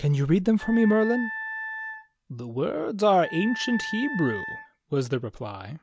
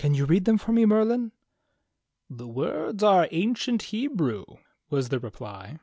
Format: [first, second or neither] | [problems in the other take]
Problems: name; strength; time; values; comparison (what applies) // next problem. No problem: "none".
second | background sound (Wind instrument, woodwind instrument); 11 dB below the speech